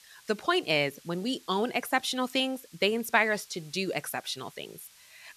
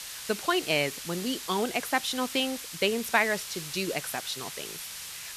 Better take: first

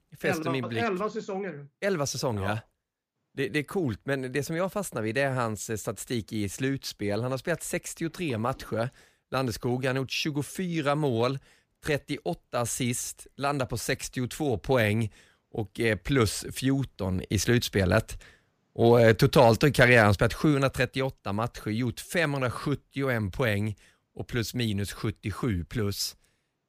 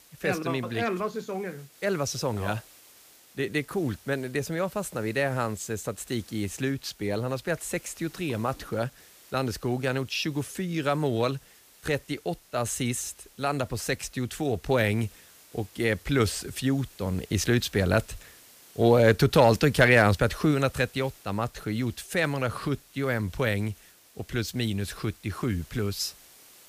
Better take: first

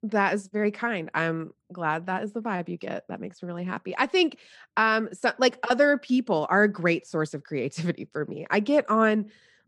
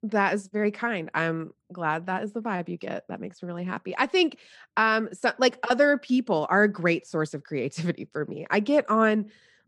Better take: neither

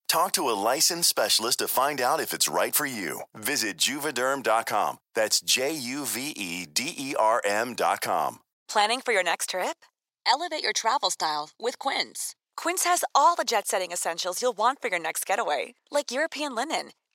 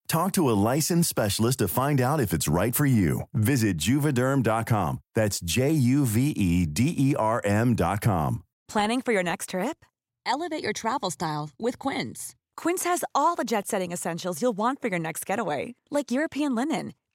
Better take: second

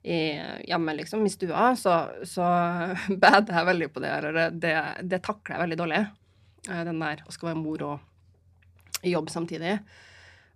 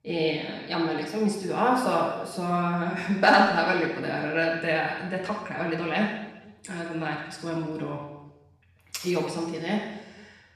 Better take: first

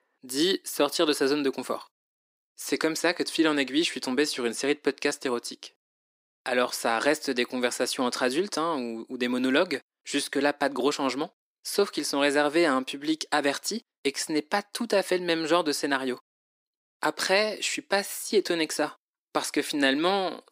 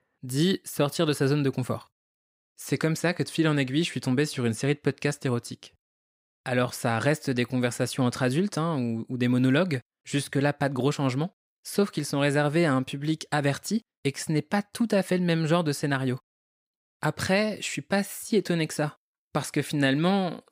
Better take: second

